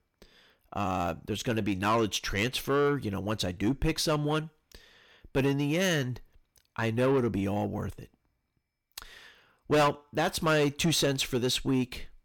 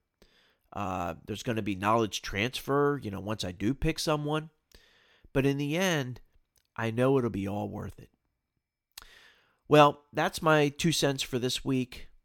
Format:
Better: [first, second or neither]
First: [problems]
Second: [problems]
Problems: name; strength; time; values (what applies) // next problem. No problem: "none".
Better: second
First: distortion; heavy; 8 dB below the speech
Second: none